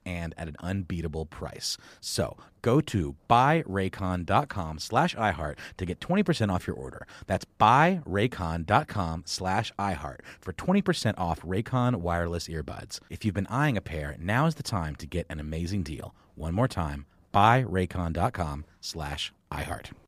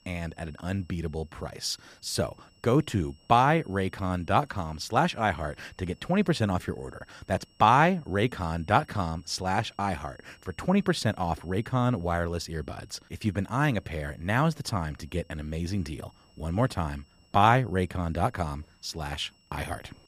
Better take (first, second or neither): first